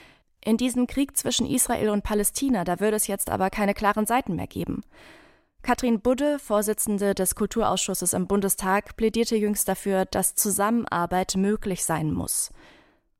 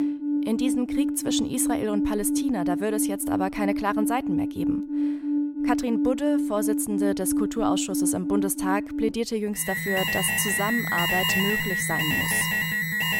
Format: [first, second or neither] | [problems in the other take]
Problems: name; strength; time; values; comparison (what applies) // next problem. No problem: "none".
first | alarms or sirens; very loud; throughout; 2 dB above the speech